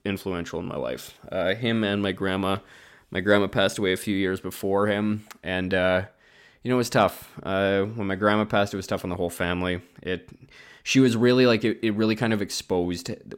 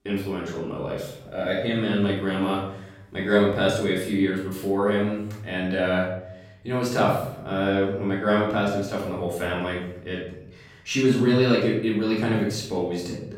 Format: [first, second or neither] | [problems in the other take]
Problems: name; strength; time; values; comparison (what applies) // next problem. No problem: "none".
first | off-mic speech; far // room echo; noticeable; dies away in 0.8 s